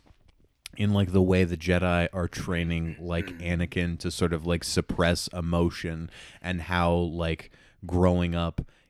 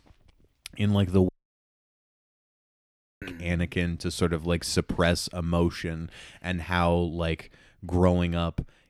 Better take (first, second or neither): first